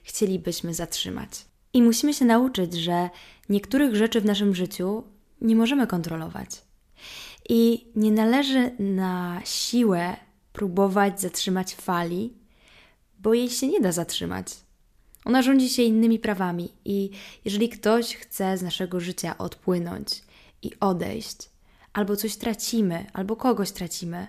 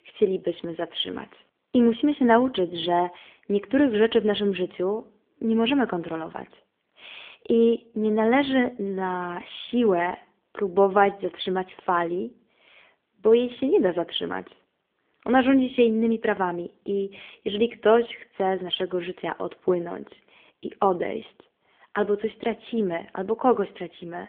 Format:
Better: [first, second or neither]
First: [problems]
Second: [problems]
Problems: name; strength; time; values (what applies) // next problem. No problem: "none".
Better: first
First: none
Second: phone-call audio; nothing above 3.5 kHz